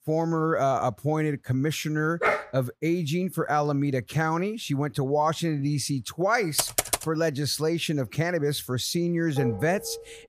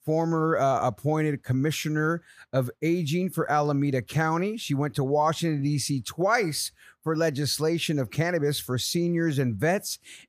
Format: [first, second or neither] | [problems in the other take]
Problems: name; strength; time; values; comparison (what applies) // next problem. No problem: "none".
second | dog barking; loud; at 2 s; peak 1 dB above the speech // keyboard typing; loud; at 6.5 s; peak 1 dB above the speech // clattering dishes; noticeable; at 9.5 s; peak 7 dB below the speech